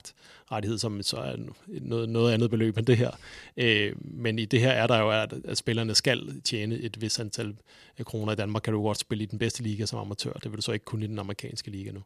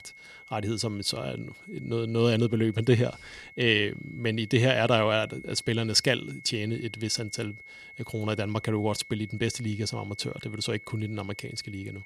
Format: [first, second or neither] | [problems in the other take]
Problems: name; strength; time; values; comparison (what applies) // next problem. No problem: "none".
first | high-pitched whine; noticeable; throughout; 2 kHz, 20 dB below the speech